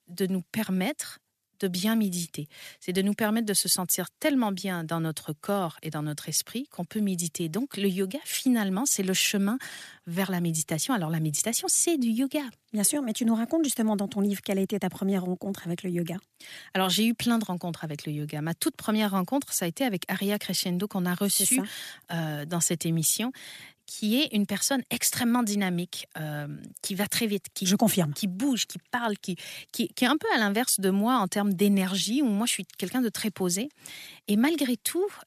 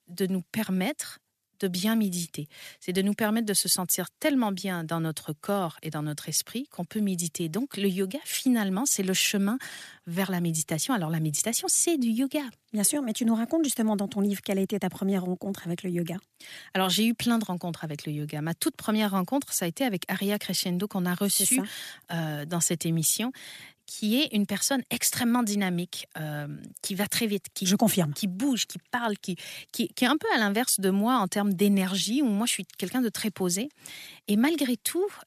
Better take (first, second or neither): neither